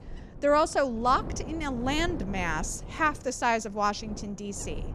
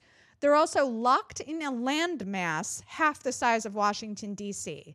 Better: second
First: wind noise on the microphone; occasional gusts; 20 dB below the speech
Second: none

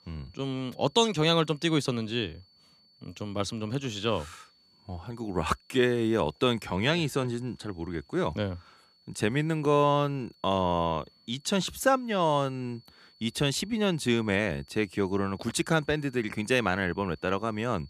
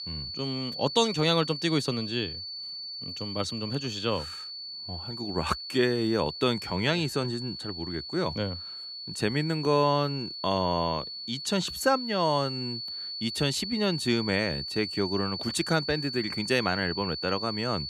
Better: first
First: high-pitched whine; faint; throughout; 4.5 kHz, 30 dB below the speech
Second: high-pitched whine; loud; throughout; 4.5 kHz, 6 dB below the speech

